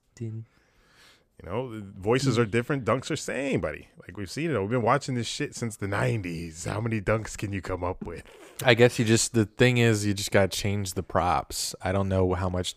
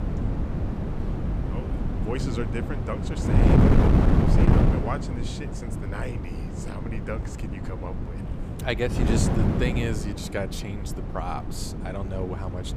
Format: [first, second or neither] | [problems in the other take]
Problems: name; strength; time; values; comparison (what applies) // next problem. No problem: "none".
first | wind noise on the microphone; heavy; 1 dB above the speech